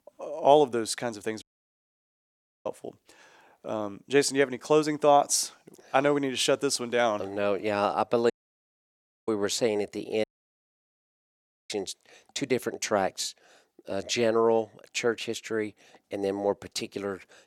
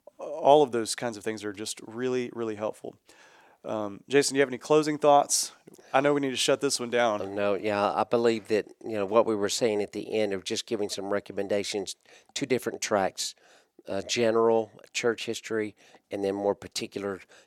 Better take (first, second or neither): second